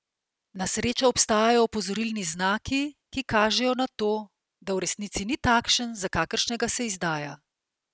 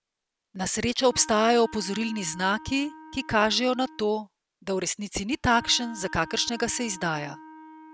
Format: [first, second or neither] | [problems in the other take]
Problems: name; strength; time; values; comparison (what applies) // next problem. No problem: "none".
first | background sound (Wind instrument, woodwind instrument); 19 dB below the speech